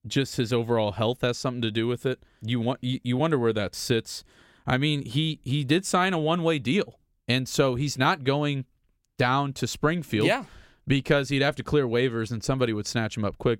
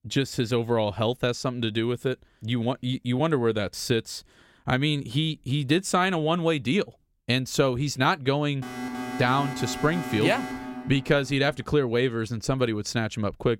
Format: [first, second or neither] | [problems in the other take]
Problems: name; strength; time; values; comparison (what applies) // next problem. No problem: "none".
first | alarm; noticeable; from 8.5 to 12 s; peak 7 dB below the speech